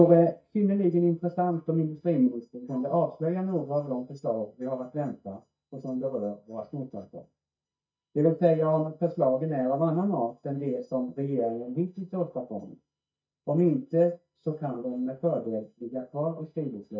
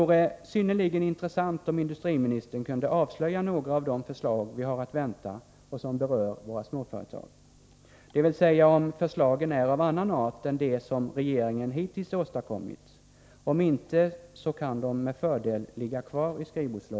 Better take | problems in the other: second | noise reduction (neural mask model DeepFilterNet 3)

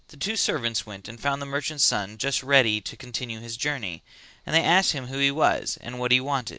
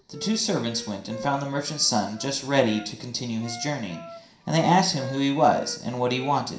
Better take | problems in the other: first | background sound (Wind instrument, woodwind instrument); 17 dB below the speech // room echo; dies away in 0.5 s

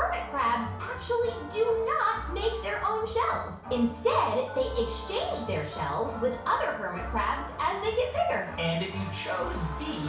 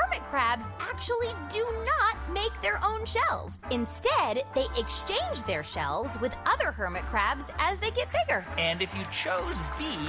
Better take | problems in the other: second | background sound (Telephone); 18 dB below the speech // room echo; dies away in 0.6 s

